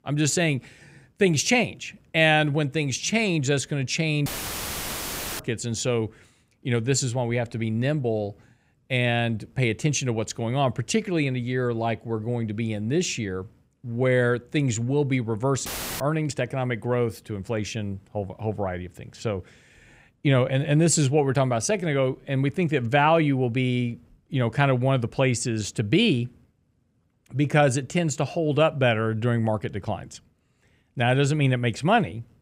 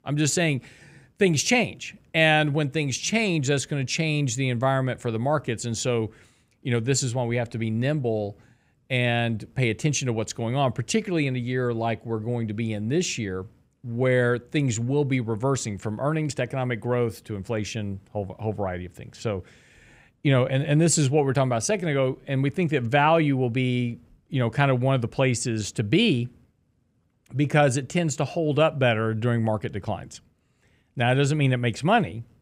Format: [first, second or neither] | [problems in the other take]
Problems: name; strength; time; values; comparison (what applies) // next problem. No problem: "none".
second | audio cutting out; filled with static; at 4.5 s for 1 s and at 16 s